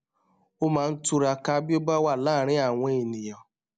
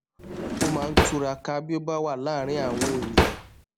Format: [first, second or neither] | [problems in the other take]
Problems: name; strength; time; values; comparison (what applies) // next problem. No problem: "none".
first | background sound (Drawer open or close); 3 dB above the speech